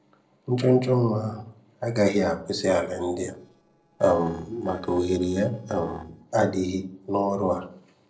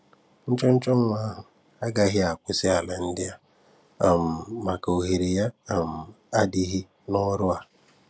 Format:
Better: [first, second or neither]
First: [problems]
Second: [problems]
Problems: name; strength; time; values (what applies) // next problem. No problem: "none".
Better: second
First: noise reduction (neural separator model SepFormer DNS4)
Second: none